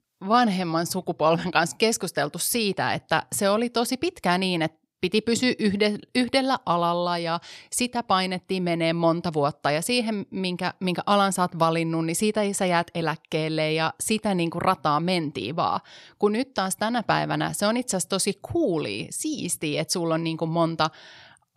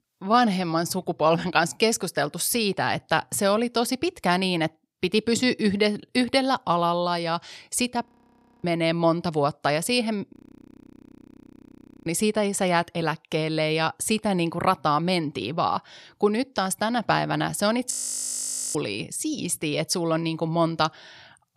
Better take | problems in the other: first | audio freezing; at 8 s for 0.5 s, at 10 s for 1.5 s and at 18 s for 1 s

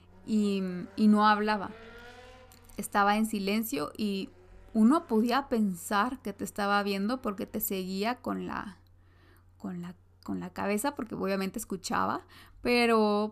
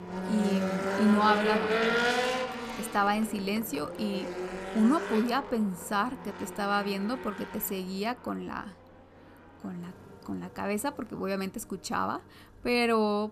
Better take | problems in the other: first | traffic noise; loud; throughout; 2 dB below the speech; faint in the first

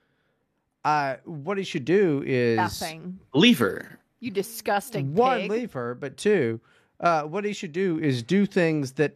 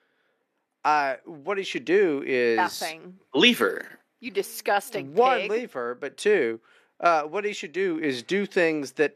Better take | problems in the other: first | thin; somewhat; fading below 350 Hz

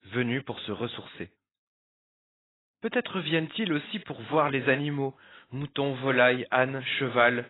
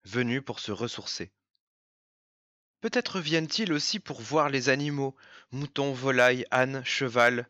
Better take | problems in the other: second | garbled, watery; badly; nothing above 4 kHz

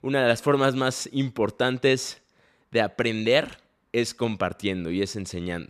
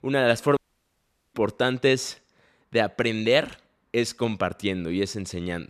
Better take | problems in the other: first | audio cutting out; at 0.5 s for 1 s

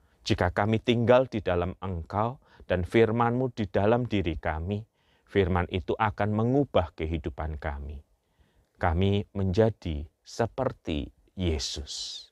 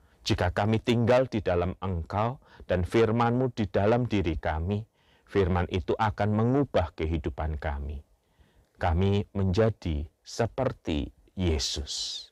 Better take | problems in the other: first | distortion; slight; 10 dB below the speech

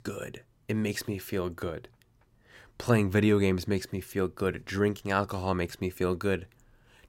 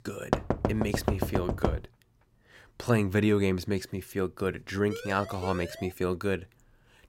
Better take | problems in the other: first | door banging; loud; until 2 s; peak 1 dB above the speech // siren; noticeable; from 5 to 6 s; peak 10 dB below the speech

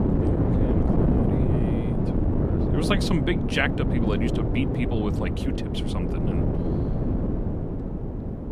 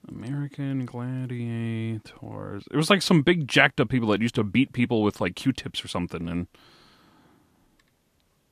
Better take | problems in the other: second | wind noise on the microphone; heavy; 1 dB below the speech

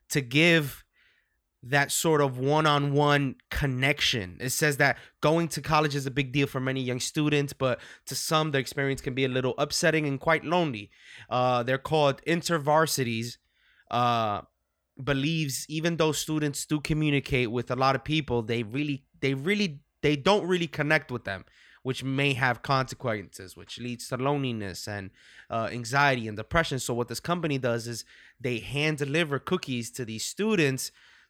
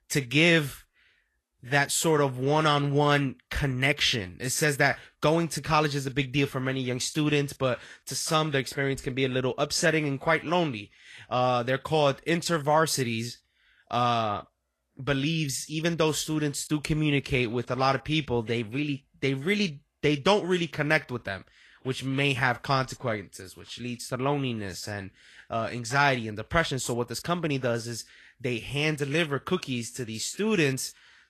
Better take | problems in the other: first | garbled, watery; slightly; nothing above 12.5 kHz

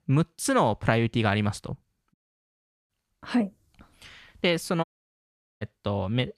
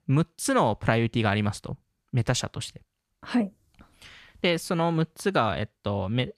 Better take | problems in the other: second | audio cutting out; at 2 s for 1 s and at 5 s for 1 s

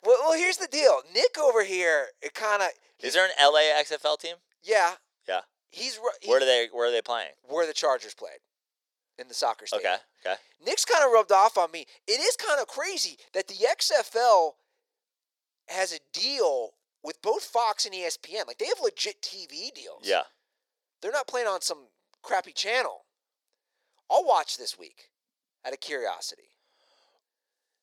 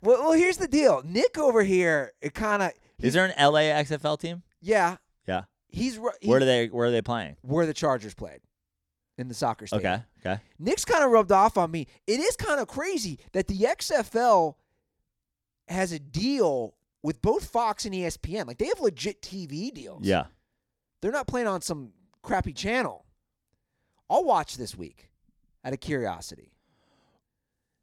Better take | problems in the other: second | thin; very; fading below 500 Hz

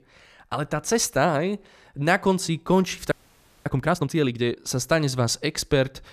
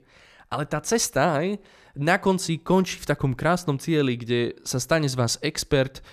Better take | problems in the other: second | audio freezing; at 3 s for 0.5 s

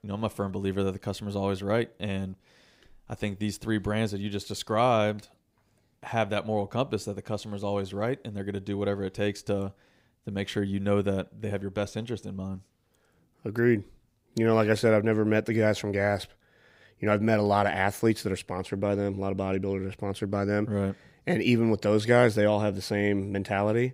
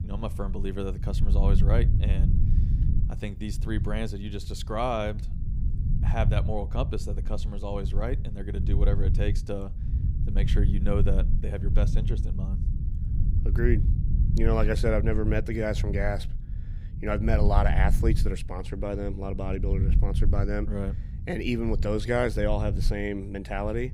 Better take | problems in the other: first | low rumble; noticeable; throughout; 10 dB below the speech

